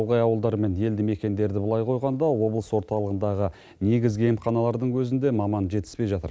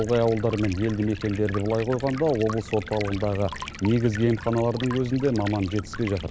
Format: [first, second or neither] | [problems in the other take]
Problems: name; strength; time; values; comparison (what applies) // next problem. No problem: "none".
first | background sound (Stream); 13 dB below the speech